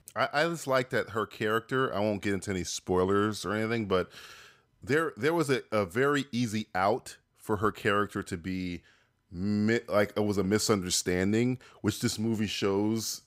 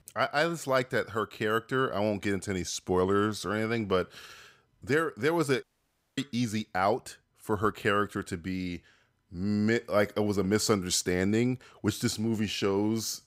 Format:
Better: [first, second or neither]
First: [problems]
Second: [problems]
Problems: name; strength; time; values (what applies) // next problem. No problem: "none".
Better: first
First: none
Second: audio cutting out; at 5.5 s for 0.5 s